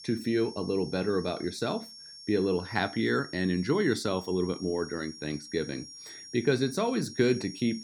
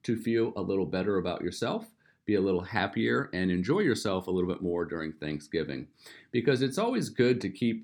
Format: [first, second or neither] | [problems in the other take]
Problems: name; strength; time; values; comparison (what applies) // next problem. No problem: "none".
second | high-pitched whine; noticeable; throughout; 5.5 kHz, 15 dB below the speech